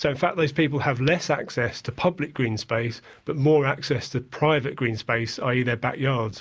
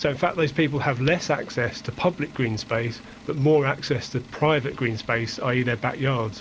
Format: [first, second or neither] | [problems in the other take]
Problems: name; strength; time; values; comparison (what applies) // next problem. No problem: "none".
first | background sound (Engine); 20 dB below the speech